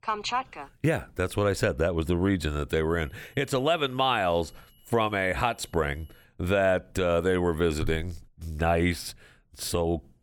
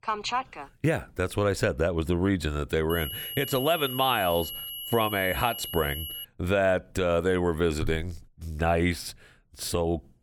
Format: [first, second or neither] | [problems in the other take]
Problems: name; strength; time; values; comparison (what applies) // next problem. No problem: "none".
first | high-pitched whine; loud; from 3 to 6 s; 3 kHz, 7 dB below the speech; faint in the first